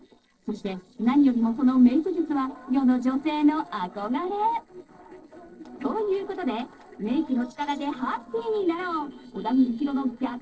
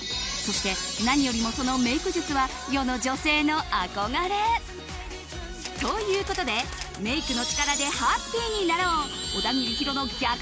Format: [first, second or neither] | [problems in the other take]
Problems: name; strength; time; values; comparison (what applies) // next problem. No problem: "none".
second | noise reduction (neural separator model SepFormer DNS4)